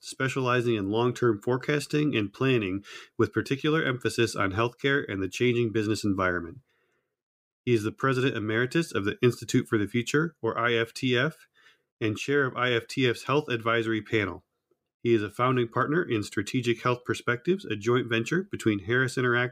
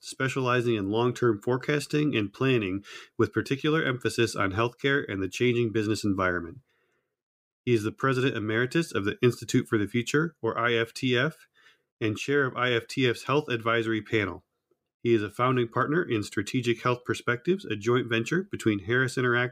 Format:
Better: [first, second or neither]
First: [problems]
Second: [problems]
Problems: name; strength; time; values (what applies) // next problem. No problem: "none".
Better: neither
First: none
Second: none